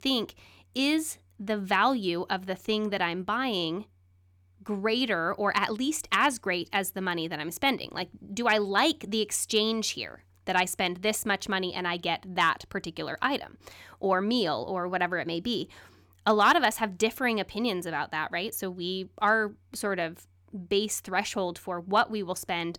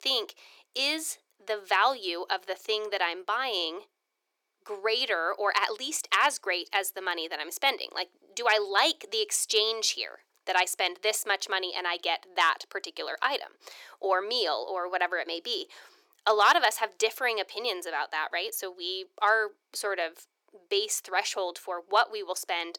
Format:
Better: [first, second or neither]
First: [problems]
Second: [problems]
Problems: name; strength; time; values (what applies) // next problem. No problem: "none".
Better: first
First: none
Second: thin; very; fading below 400 Hz